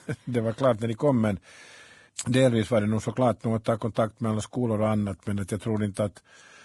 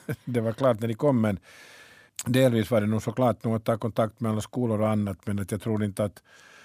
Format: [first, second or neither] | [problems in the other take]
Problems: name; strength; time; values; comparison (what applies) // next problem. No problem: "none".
second | garbled, watery; badly; nothing above 11 kHz